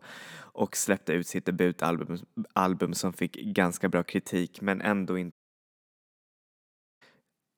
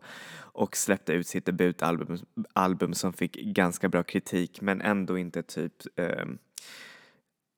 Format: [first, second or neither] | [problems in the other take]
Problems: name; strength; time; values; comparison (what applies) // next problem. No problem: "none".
second | audio cutting out; at 5.5 s for 1.5 s